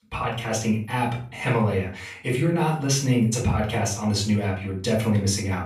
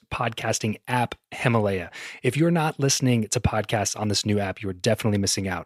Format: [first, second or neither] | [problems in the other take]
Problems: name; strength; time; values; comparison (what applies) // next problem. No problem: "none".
second | off-mic speech; far // room echo; slight; dies away in 0.4 s